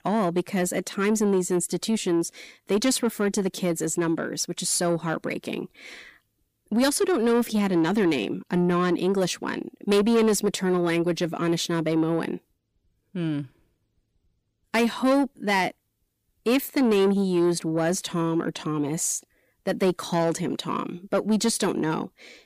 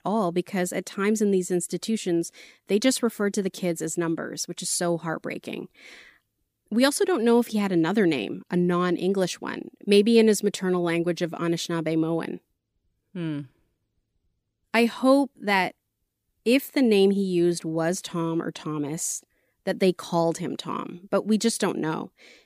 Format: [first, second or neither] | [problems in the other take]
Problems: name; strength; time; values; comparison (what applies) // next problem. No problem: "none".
second | distortion; slight; 10 dB below the speech